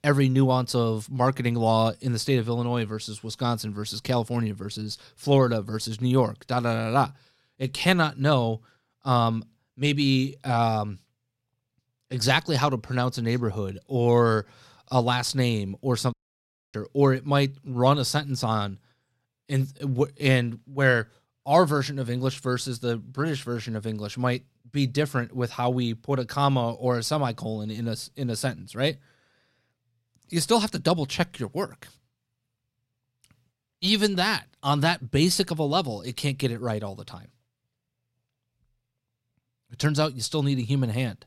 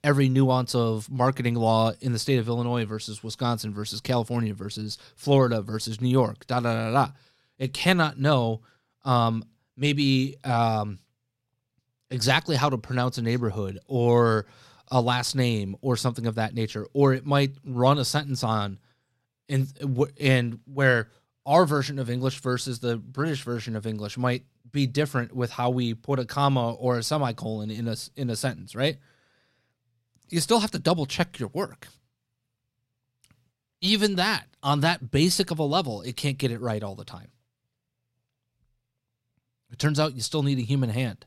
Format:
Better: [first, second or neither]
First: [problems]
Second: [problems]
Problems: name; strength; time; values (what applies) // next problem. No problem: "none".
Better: second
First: audio cutting out; at 16 s for 0.5 s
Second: none